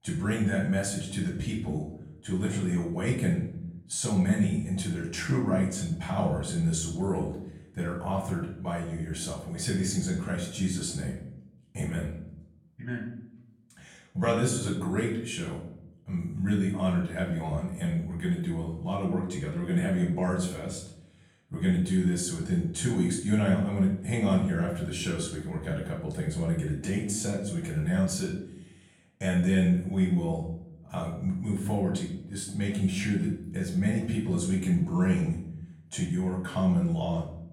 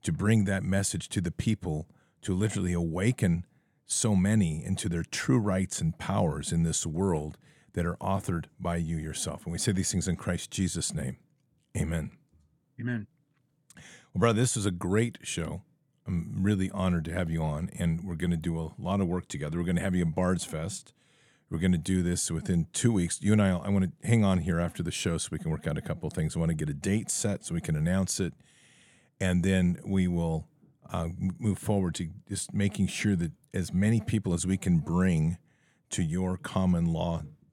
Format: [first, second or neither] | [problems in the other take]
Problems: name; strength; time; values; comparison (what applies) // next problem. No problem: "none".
second | off-mic speech; far // room echo; noticeable; dies away in 0.6 s